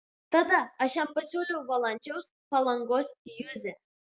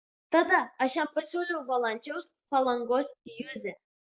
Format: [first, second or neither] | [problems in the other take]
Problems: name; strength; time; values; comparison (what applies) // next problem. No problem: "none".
first | noise reduction (neural mask model Resemble Enhance denoiser)